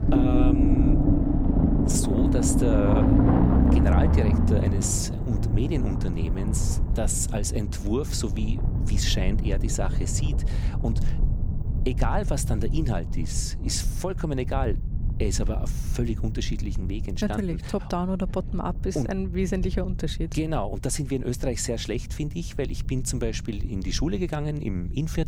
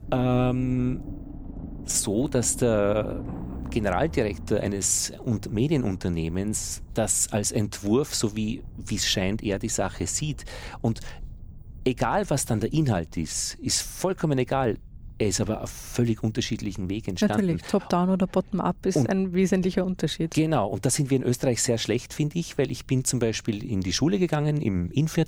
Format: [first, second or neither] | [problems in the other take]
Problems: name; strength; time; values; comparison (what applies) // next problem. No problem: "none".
second | low rumble; loud; throughout; as loud as the speech; faint in the second